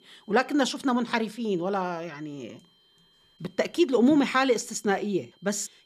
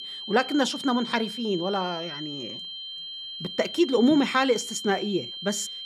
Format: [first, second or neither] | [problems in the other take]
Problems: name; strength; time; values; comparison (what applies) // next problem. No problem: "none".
first | high-pitched whine; loud; throughout; 3 kHz, 9 dB below the speech; faint in the first